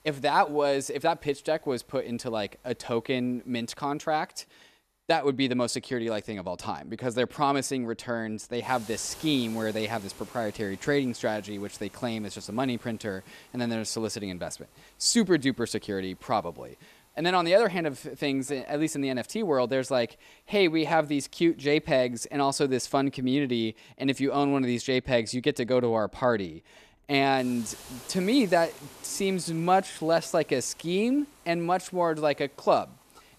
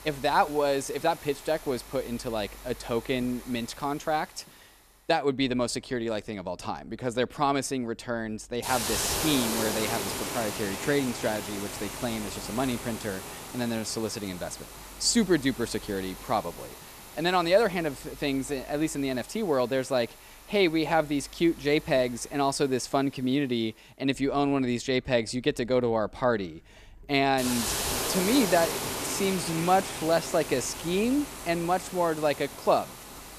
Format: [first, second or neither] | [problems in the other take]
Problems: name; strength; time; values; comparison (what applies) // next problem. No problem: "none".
first | hiss; loud; throughout; 7 dB below the speech; faint in the first